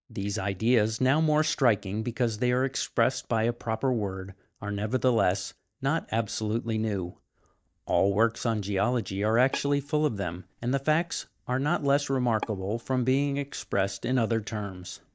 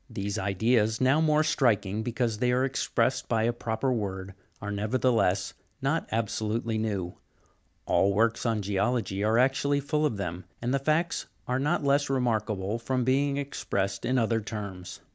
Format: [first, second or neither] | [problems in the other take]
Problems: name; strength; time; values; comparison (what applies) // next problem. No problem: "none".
second | noise reduction (neural mask model DeepFilterNet 3)